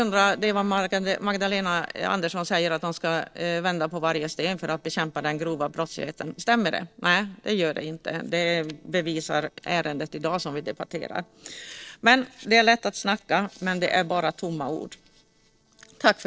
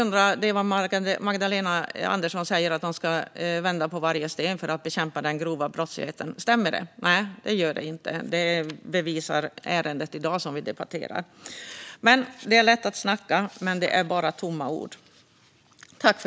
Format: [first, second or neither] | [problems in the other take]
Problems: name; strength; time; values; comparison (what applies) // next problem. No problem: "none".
second | noise reduction (neural separator model SepFormer DNS4)